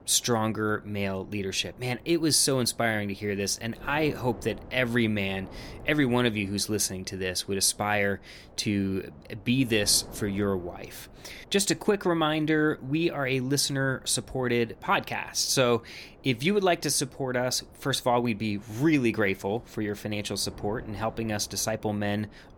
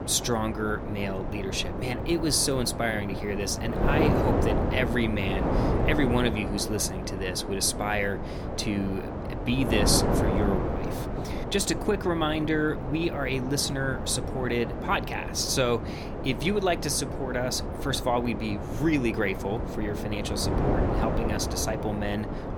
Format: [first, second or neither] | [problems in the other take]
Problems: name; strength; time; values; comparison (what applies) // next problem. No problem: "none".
first | wind noise on the microphone; heavy; 4 dB below the speech; occasional gusts in the first